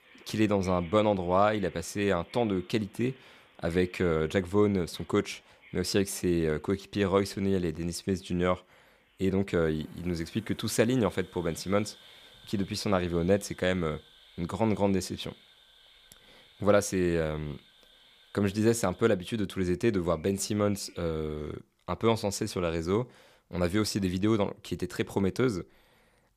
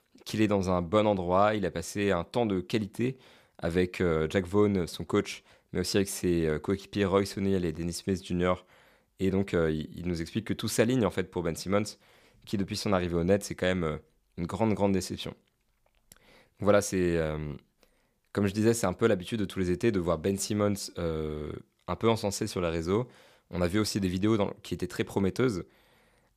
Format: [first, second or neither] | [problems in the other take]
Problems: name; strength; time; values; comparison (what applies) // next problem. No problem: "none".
second | animal sounds; faint; throughout; 25 dB below the speech